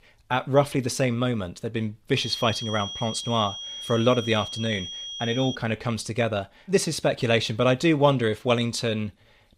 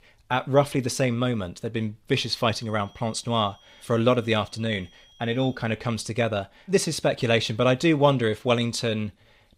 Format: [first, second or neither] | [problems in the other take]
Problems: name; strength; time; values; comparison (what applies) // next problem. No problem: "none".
second | high-pitched whine; loud; from 2 to 5.5 s; 3.5 kHz, 8 dB below the speech; faint in the second